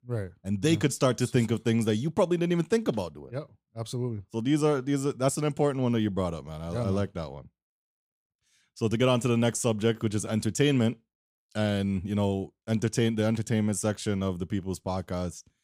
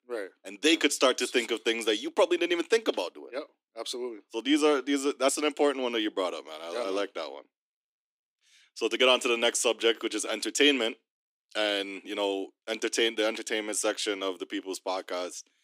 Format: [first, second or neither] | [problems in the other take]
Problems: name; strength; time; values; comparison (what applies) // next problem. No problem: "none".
first | thin; somewhat; fading below 300 Hz